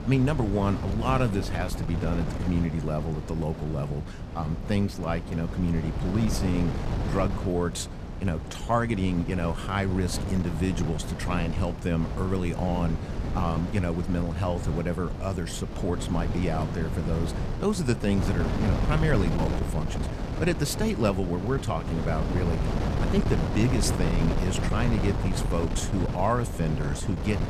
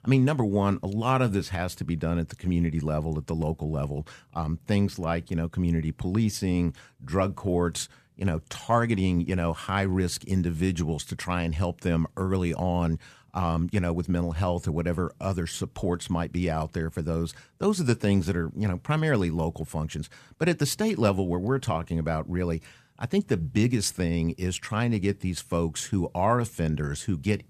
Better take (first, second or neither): second